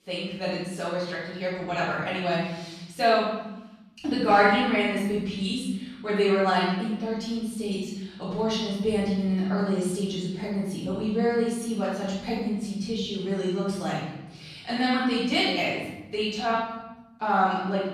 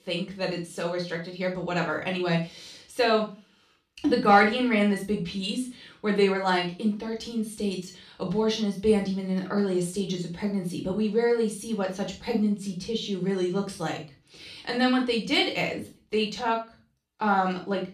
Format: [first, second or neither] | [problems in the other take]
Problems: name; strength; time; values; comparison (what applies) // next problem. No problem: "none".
second | room echo; strong; dies away in 1.1 s; slight in the second // off-mic speech; far; somewhat distant in the second